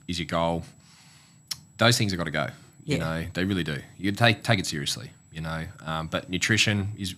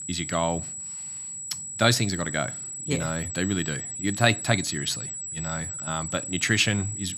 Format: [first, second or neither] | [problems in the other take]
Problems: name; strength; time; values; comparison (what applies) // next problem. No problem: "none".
first | high-pitched whine; loud; throughout; 8 kHz, 6 dB below the speech; faint in the first